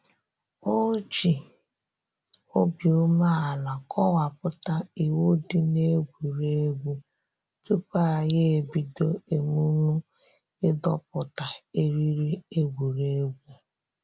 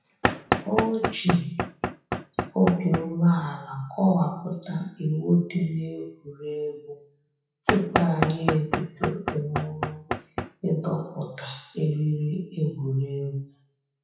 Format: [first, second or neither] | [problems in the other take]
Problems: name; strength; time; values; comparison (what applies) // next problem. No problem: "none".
first | noise reduction (classical method WPE with log-MMSE)